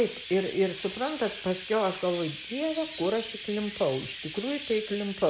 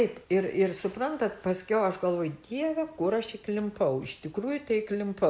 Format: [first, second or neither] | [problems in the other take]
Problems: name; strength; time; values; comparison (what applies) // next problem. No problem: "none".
second | background sound (Chirp, tweet); 12 dB below the speech